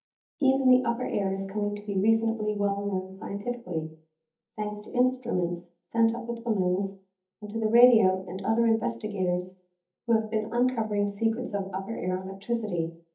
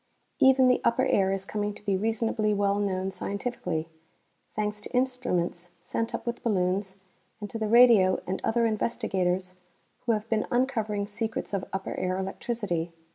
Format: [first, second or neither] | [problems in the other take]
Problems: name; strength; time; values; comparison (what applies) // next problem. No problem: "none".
second | noise reduction (neural mask model DeepFilterNet 3)